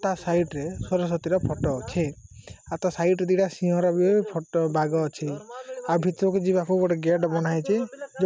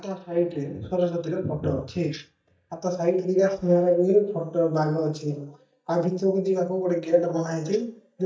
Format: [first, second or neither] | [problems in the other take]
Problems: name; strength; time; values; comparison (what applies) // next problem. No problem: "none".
first | noise reduction (neural mask model DeepFilterNet 3)